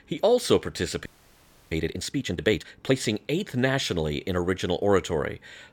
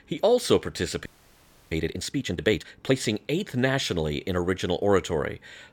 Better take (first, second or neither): neither